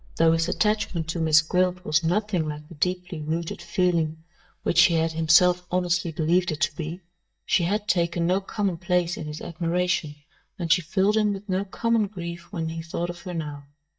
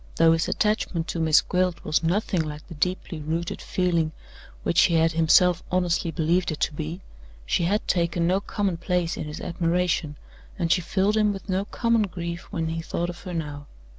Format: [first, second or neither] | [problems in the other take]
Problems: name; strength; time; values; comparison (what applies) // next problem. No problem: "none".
second | noise reduction (neural mask model DeepFilterNet 3)